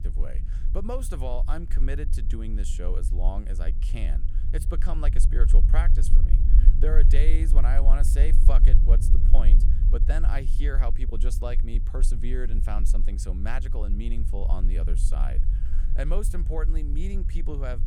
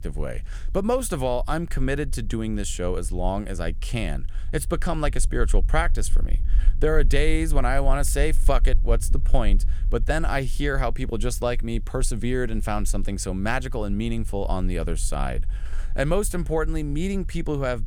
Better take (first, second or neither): second